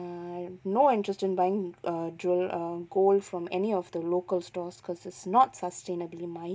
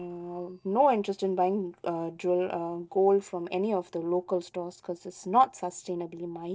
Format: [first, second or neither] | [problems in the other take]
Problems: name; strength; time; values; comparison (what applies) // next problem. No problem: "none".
first | noise reduction (neural separator model SepFormer DNS4)